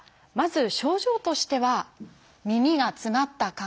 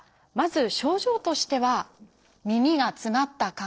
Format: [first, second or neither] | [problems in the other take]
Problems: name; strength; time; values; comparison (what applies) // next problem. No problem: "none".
first | noise reduction (neural separator model SepFormer DNS4)